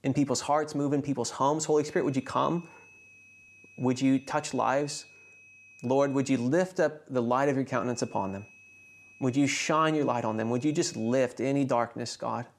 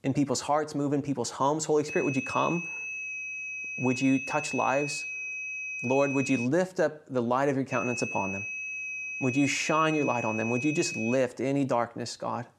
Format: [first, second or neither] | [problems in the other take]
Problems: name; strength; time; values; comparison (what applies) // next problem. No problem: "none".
first | high-pitched whine; loud; from 2 to 6.5 s and from 7.5 to 11 s; 2.5 kHz, 5 dB below the speech; faint in the first